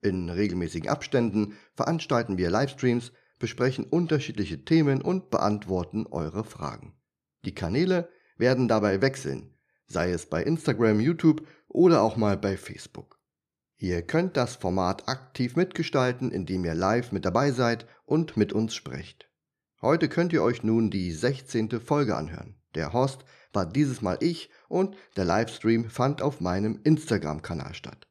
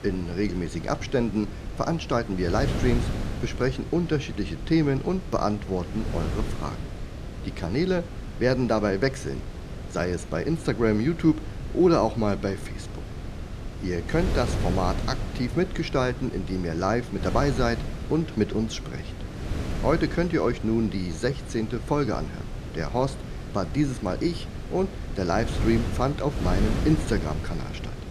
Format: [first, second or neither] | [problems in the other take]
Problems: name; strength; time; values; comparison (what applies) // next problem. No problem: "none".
first | wind noise on the microphone; occasional gusts; 10 dB below the speech